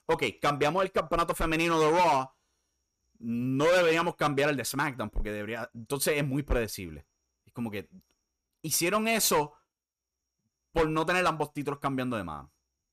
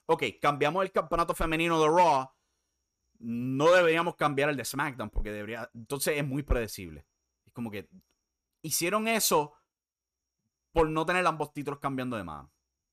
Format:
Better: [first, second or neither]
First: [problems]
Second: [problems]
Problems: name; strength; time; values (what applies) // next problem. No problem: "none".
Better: second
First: distortion; slight; 5% of the sound clipped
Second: none